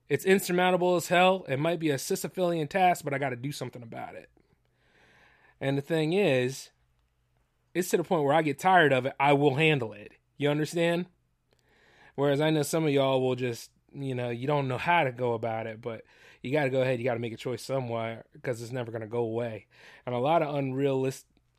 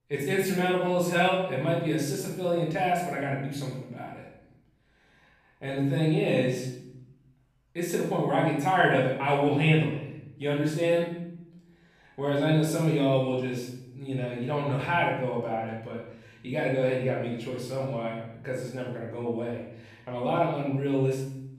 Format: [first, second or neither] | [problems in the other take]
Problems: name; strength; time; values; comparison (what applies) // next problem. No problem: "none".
first | room echo; noticeable; dies away in 0.8 s // off-mic speech; far